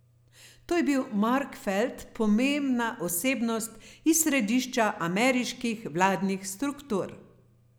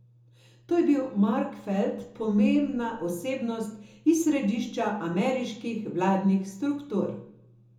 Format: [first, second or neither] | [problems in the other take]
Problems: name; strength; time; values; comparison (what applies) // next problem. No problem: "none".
first | room echo; dies away in 1 s